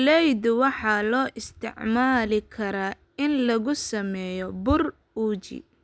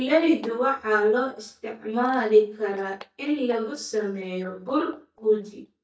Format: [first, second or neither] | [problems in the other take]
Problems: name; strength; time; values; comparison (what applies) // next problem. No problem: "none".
first | noise reduction (neural mask model DeepFilterNet 3)